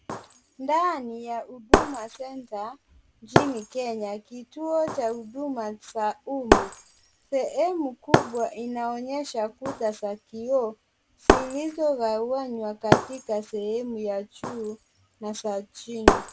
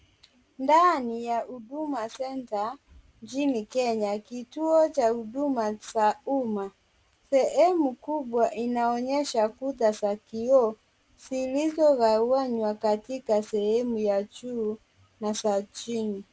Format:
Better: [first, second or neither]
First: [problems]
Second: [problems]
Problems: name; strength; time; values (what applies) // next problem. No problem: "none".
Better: second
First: background sound (Shatter); 1 dB above the speech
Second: none